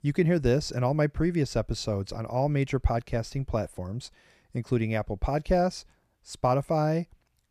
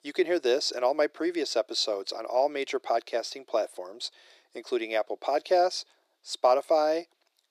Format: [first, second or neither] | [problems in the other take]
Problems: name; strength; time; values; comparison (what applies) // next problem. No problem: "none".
first | thin; very; fading below 350 Hz